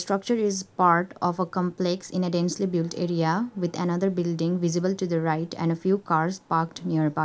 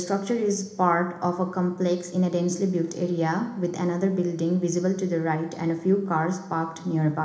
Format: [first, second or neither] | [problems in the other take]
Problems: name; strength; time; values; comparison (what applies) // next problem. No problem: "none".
first | room echo; dies away in 1 s